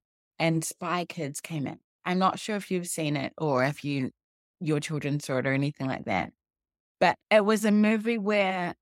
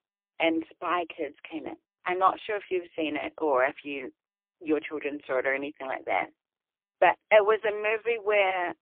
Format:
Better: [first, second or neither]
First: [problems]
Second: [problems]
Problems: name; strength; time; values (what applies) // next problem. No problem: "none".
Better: first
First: none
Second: phone-call audio; poor line